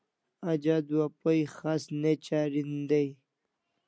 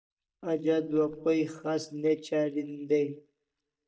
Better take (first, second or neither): first